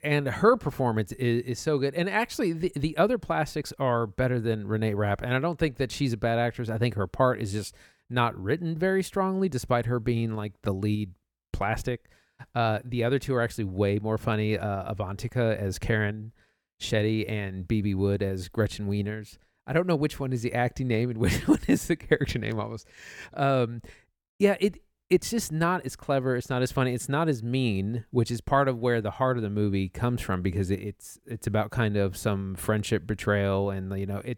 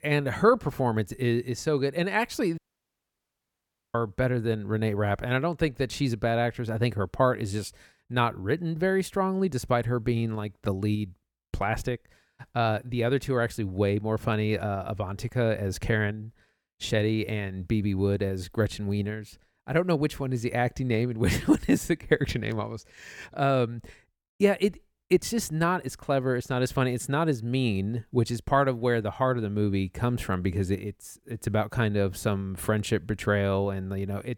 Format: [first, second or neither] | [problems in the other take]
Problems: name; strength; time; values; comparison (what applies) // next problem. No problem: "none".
first | audio cutting out; at 2.5 s for 1.5 s